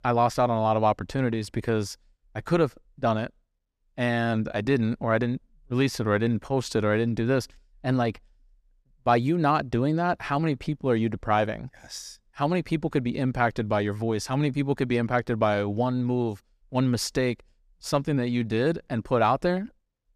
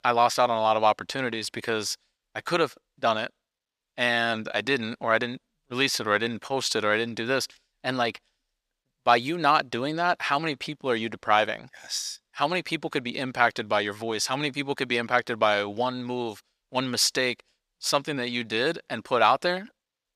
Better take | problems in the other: first | thin; somewhat; fading below 1 kHz

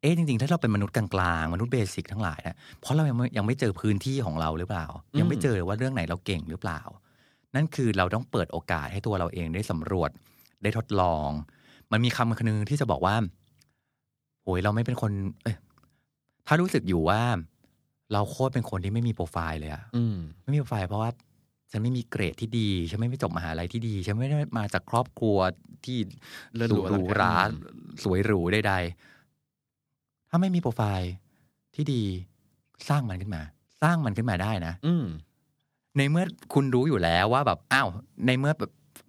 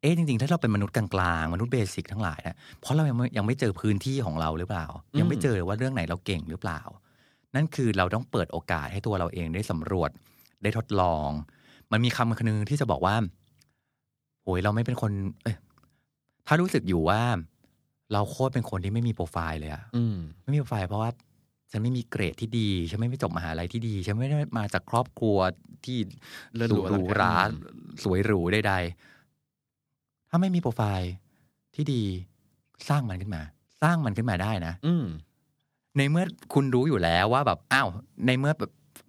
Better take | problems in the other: neither | none

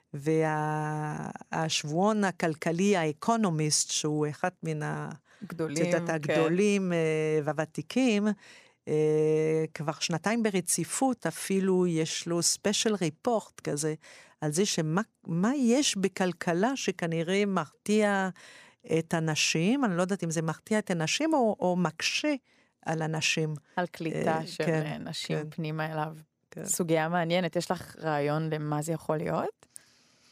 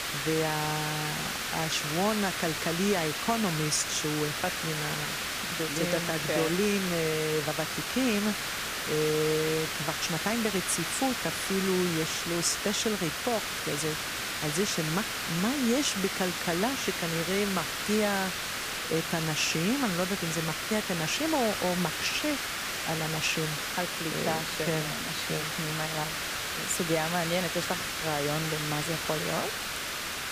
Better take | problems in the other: first | hiss; loud; throughout; 1 dB below the speech

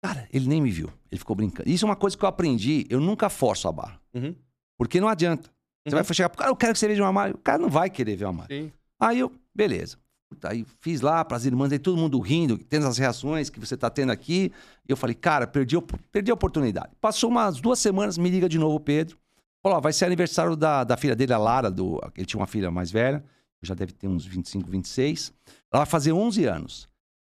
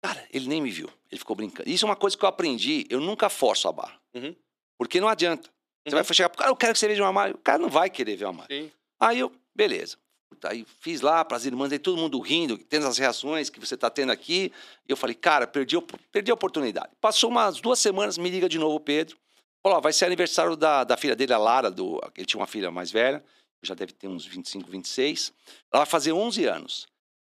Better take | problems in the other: first | thin; somewhat; fading below 350 Hz

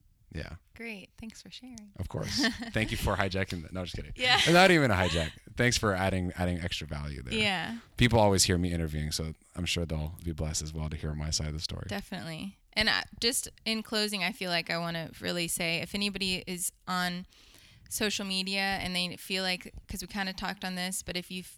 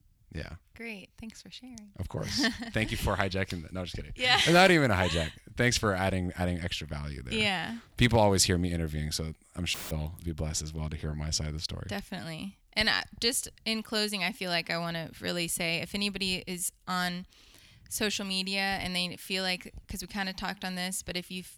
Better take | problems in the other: first | audio cutting out; filled with static; at 9.5 s

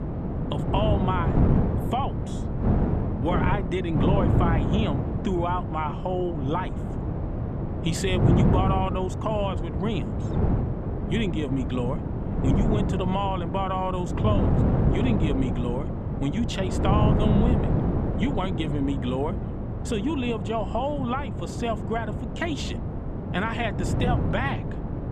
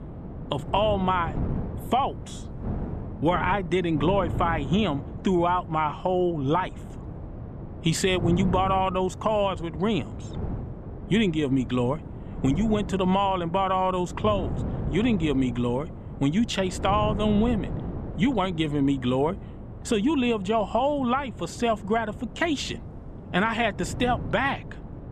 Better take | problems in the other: second | wind noise on the microphone; heavy; 4 dB below the speech; occasional gusts in the second

